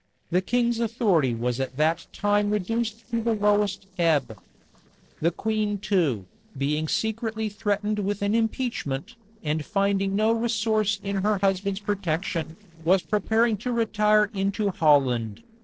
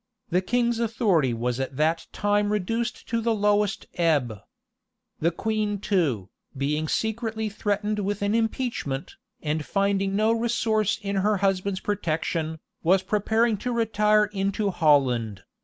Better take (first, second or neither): second